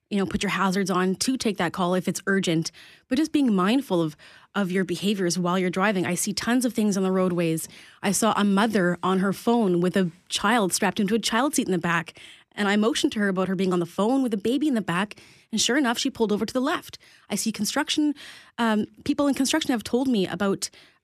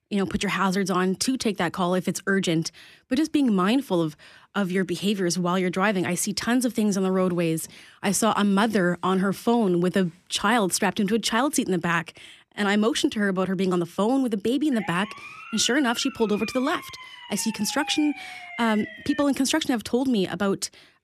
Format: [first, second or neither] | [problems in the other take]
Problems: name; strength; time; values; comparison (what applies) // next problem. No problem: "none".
first | siren; faint; from 15 to 19 s; peak 10 dB below the speech